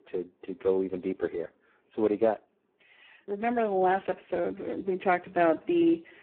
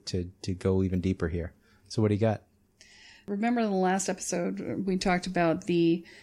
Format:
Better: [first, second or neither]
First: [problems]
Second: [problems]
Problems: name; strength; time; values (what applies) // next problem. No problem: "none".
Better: second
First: phone-call audio; poor line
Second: none